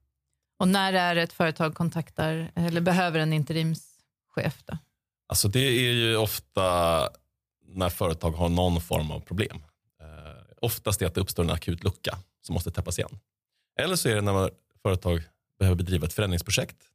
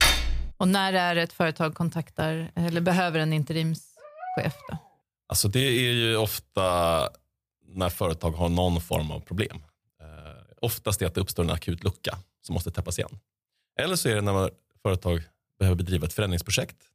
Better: first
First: none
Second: clattering dishes; loud; at the start; peak 6 dB above the speech // dog barking; noticeable; at 4 s; peak 10 dB below the speech

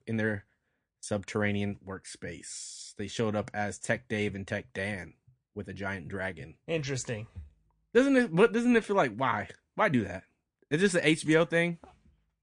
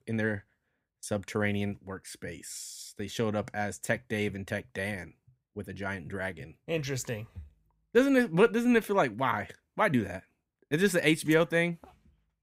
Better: second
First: garbled, watery; slightly; nothing above 9 kHz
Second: none

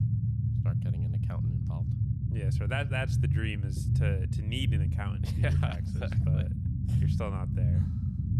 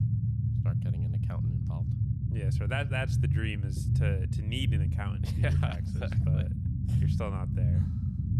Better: neither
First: low rumble; loud; throughout; 3 dB below the speech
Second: low rumble; loud; throughout; 3 dB below the speech

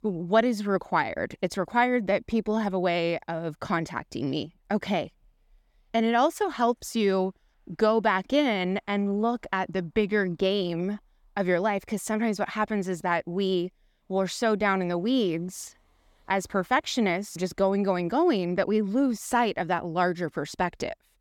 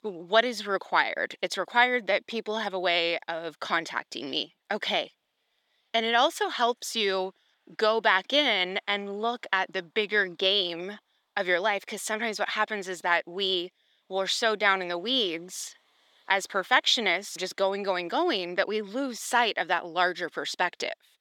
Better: first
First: none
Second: thin; somewhat; fading below 400 Hz

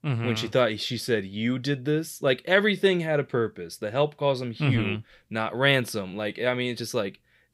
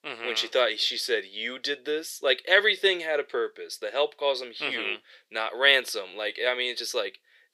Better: first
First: none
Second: thin; very; fading below 400 Hz

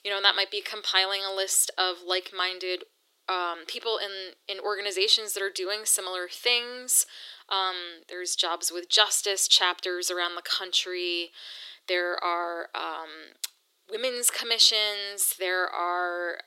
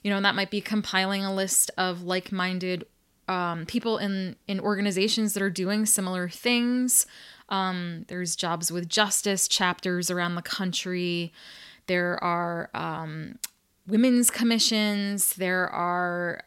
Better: second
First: thin; very; fading below 350 Hz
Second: none

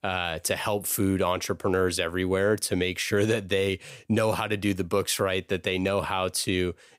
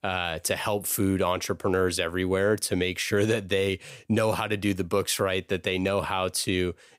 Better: neither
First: none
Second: none

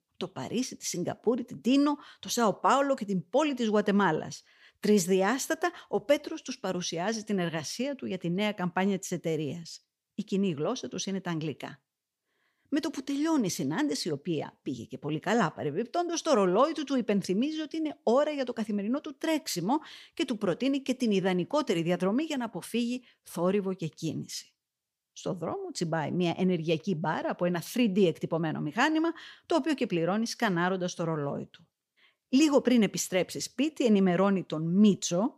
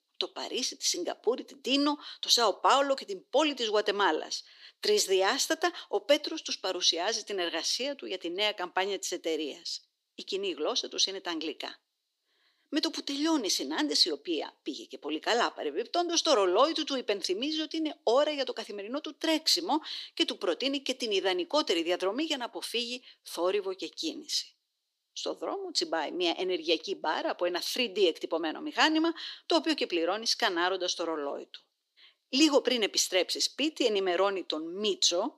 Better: first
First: none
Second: thin; somewhat; fading below 300 Hz

